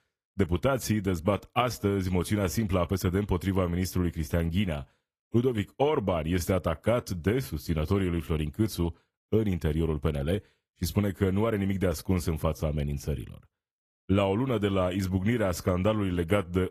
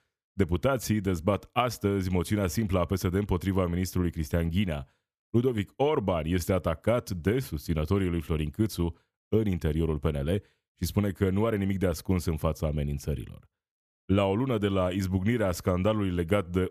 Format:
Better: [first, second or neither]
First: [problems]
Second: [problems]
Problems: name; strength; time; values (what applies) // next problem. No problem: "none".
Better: second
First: garbled, watery; slightly; nothing above 14.5 kHz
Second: none